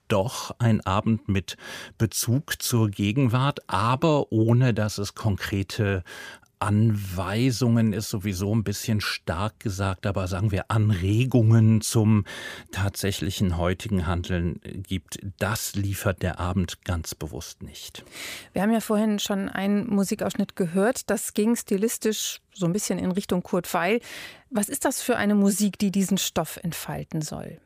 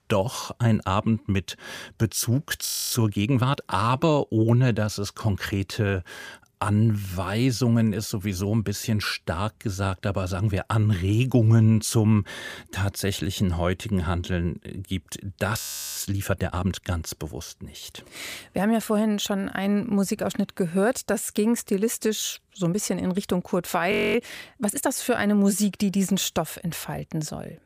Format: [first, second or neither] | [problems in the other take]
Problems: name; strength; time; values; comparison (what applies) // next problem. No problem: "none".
first | audio freezing; at 2.5 s, at 16 s and at 24 s